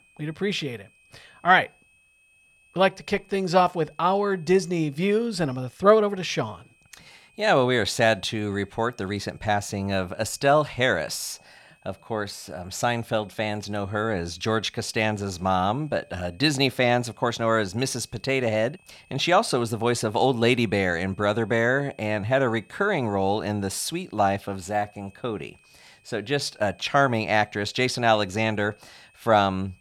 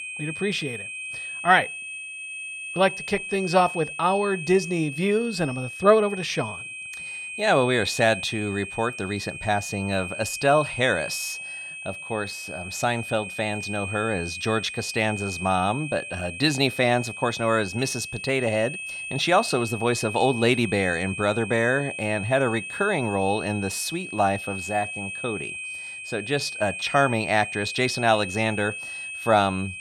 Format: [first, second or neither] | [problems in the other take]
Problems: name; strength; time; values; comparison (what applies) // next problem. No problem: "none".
first | high-pitched whine; loud; throughout; 2.5 kHz, 8 dB below the speech; faint in the first